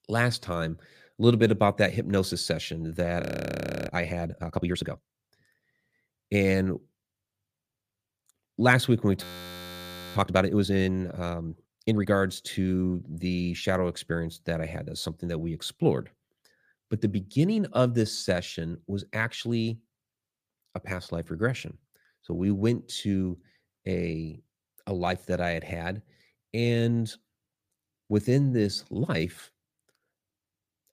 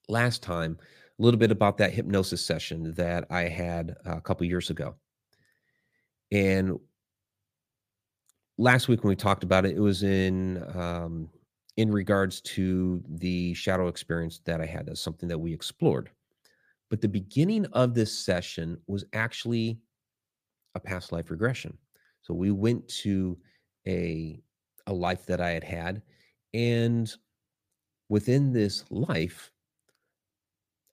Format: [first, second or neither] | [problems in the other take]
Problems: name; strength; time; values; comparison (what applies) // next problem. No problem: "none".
second | audio freezing; at 3 s for 0.5 s and at 9 s for 1 s